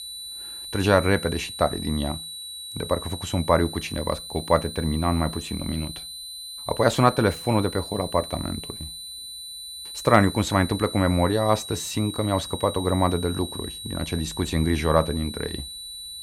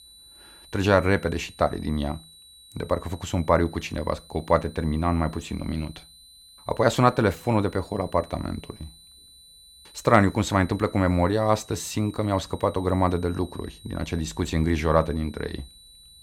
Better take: second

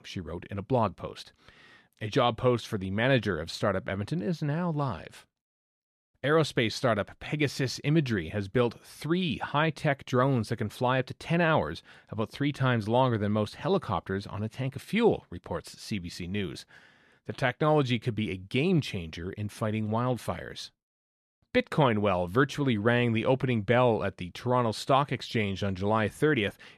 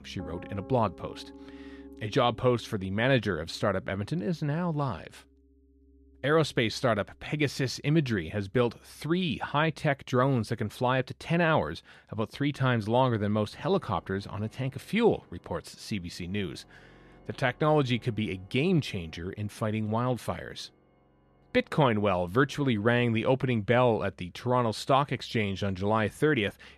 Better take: first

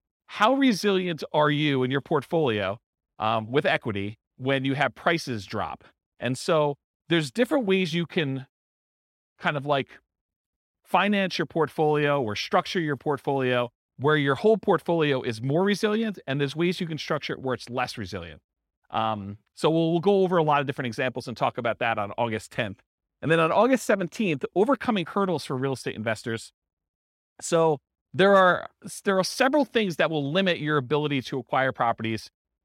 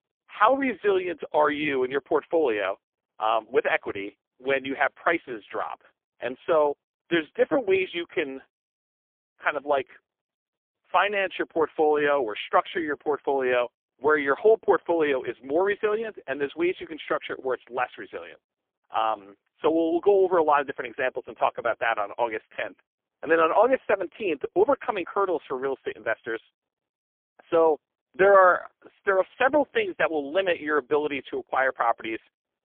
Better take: first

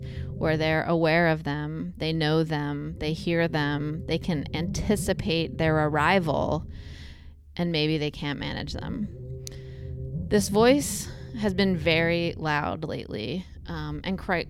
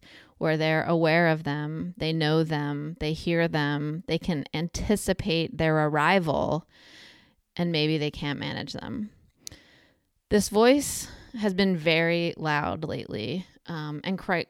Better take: second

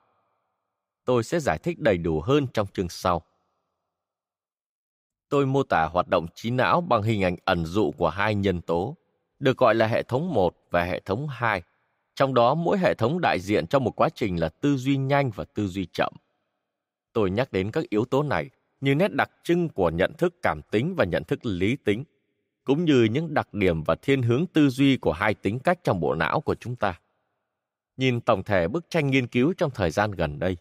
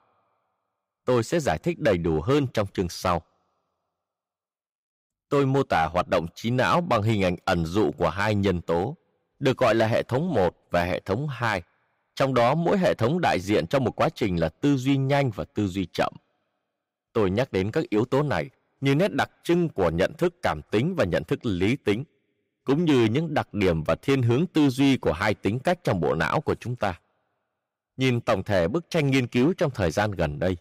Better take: first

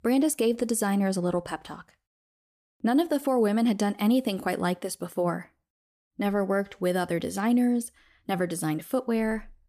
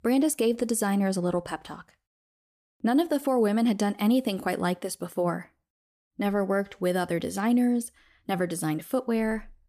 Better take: neither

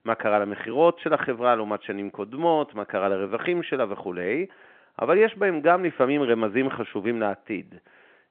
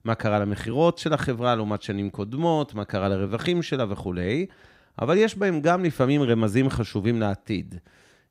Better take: second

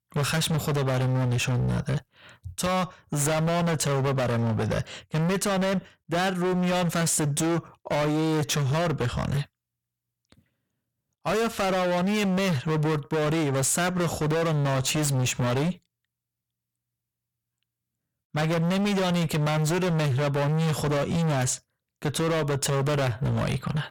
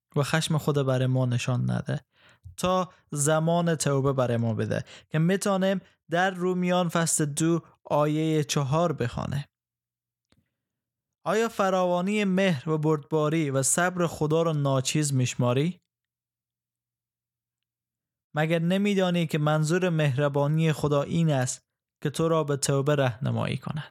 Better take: second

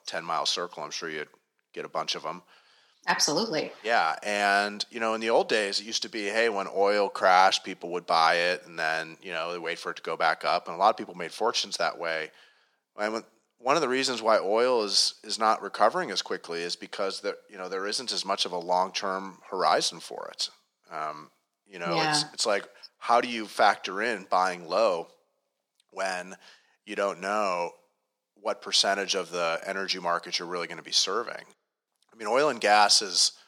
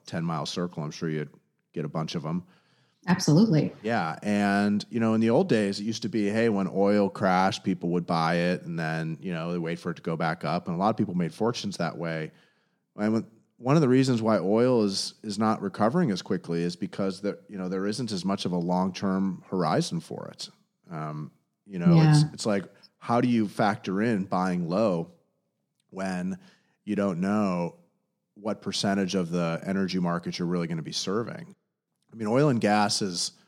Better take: second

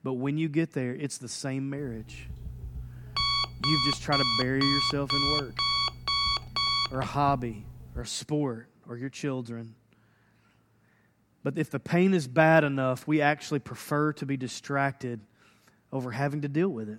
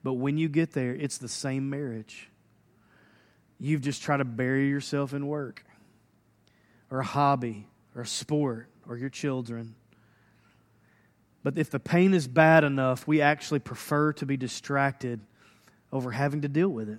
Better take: second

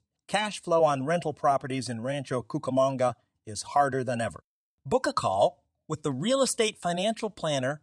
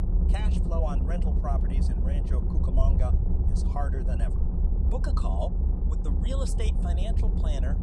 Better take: first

